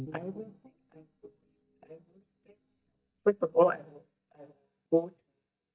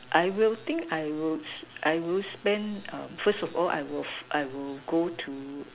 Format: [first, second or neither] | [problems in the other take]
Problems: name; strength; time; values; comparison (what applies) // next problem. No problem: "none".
second | noise reduction (neural mask model DeepFilterNet 3)